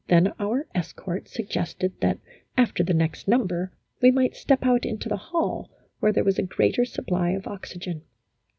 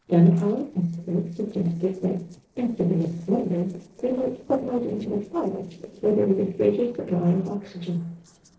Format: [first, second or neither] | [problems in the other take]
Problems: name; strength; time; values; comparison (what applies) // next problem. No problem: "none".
first | noise reduction (neural separator model SepFormer DNS4)